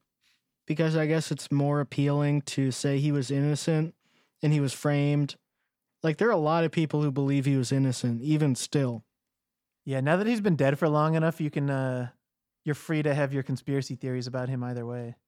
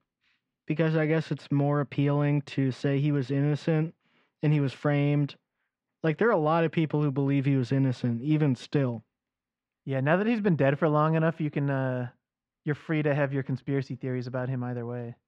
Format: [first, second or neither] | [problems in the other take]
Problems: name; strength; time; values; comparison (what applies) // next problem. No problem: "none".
first | muffled; slightly; fading above 2.5 kHz